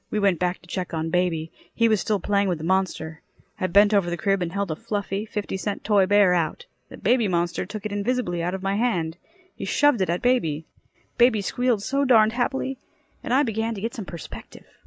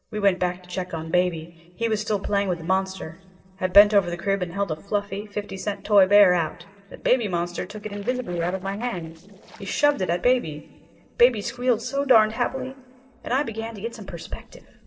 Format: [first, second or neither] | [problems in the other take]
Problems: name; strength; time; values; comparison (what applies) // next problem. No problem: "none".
first | noise reduction (neural separator model SepFormer DNS4)